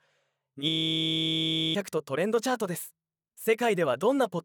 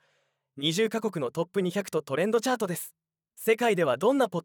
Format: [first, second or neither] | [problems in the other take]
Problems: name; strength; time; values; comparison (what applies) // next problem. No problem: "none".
second | audio freezing; at 0.5 s for 1 s